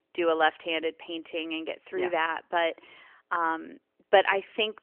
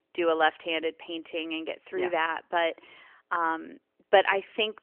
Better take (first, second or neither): neither